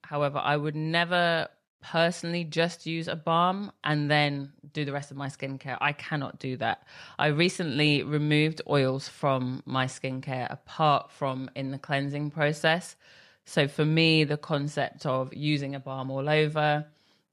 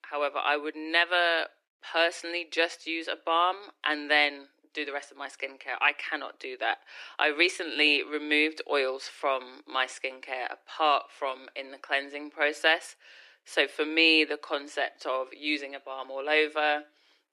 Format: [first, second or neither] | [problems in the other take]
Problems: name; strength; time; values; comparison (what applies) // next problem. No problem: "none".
first | thin; very; fading below 300 Hz